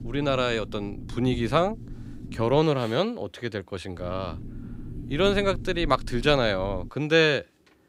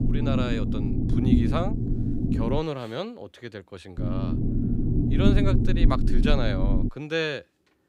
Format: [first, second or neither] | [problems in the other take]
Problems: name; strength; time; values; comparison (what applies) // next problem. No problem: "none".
first | low rumble; loud; until 2.5 s and from 4 to 7 s; 1 dB below the speech; faint in the first